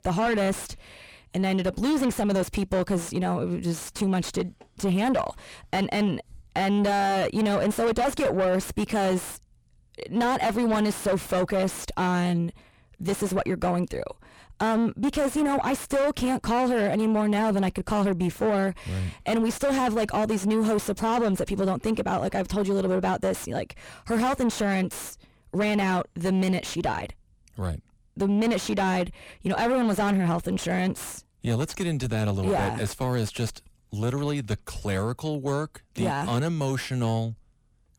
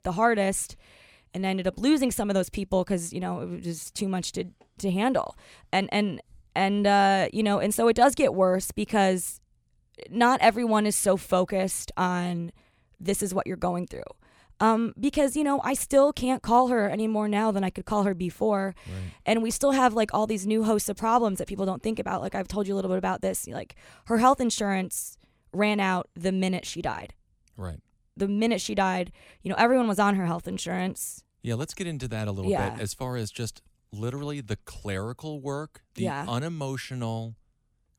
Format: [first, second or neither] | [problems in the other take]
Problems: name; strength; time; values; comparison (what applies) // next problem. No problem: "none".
second | distortion; heavy; 5 dB below the speech